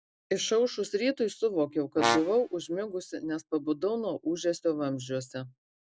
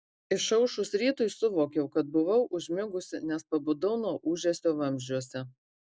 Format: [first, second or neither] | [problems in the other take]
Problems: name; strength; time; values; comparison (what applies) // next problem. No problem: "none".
second | background sound (Brass instrument); 2 dB below the speech